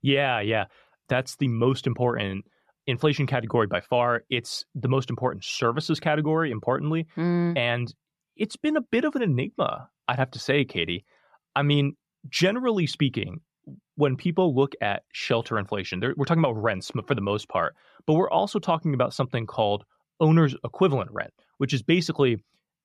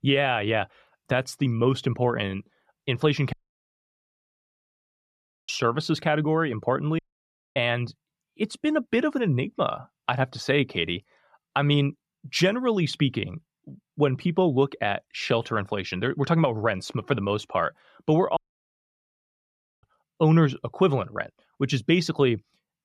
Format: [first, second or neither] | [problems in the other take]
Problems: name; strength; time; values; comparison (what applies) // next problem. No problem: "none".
first | audio cutting out; at 3.5 s for 2 s, at 7 s for 0.5 s and at 18 s for 1.5 s